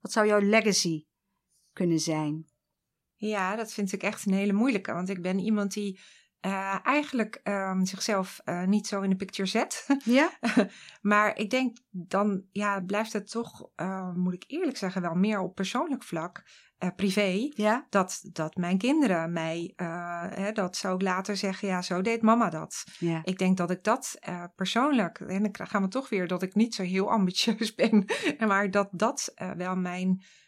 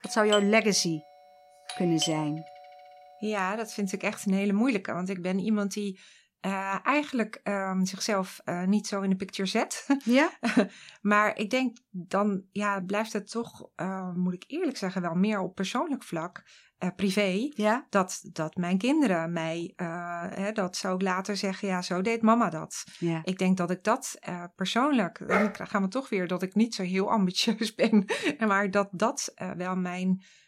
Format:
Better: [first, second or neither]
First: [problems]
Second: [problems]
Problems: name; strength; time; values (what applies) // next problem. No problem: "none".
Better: first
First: none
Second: doorbell; noticeable; until 2.5 s; peak 4 dB below the speech // dog barking; loud; at 25 s; peak level with the speech